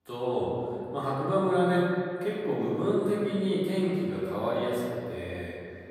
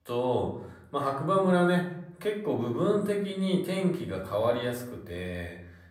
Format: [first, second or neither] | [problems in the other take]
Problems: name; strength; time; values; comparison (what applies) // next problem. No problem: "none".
second | room echo; strong; dies away in 2.3 s; slight in the second // off-mic speech; far; somewhat distant in the second